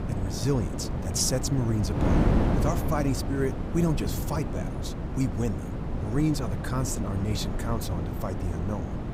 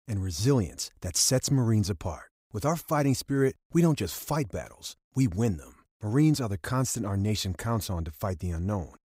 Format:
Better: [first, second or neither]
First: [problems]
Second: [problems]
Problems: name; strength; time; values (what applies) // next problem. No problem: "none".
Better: second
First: wind noise on the microphone; heavy; 3 dB below the speech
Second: none